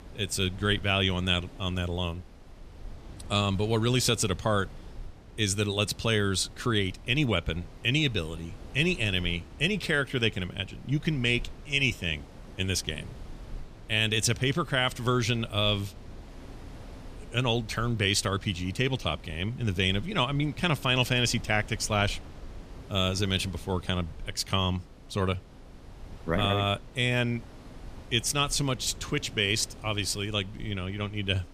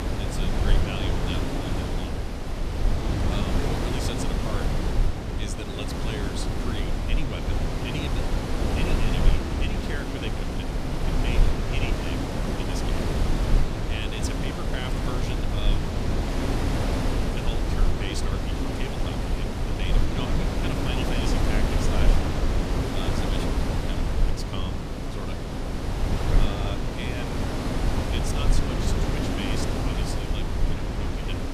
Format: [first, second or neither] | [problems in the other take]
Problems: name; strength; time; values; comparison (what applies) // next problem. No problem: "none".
first | wind noise on the microphone; heavy; 5 dB above the speech; occasional gusts in the first